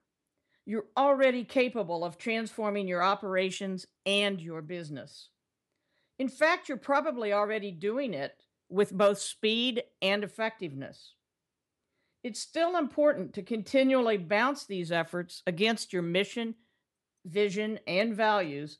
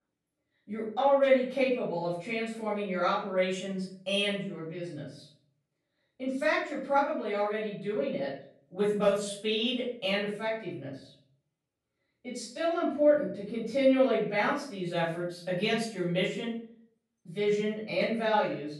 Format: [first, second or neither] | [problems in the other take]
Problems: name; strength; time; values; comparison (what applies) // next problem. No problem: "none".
first | off-mic speech; far // room echo; noticeable; dies away in 0.5 s